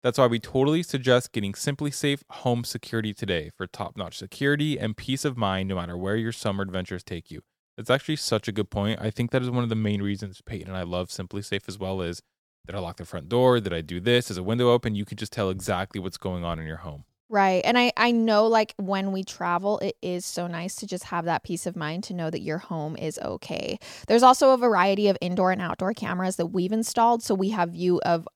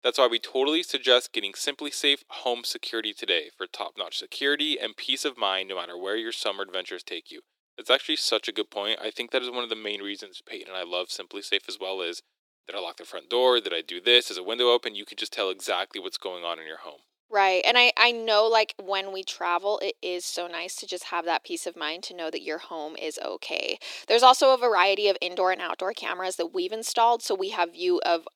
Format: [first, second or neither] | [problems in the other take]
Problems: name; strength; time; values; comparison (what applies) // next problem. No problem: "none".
first | thin; very; fading below 350 Hz